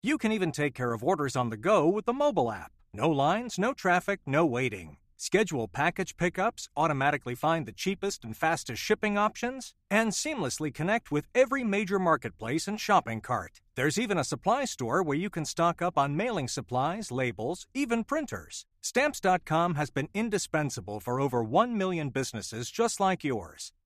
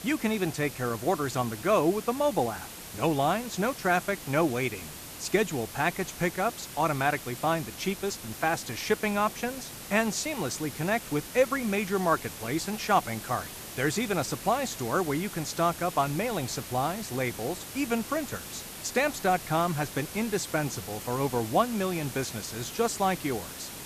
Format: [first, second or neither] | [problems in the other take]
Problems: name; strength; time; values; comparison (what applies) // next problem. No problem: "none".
first | hiss; noticeable; throughout; 10 dB below the speech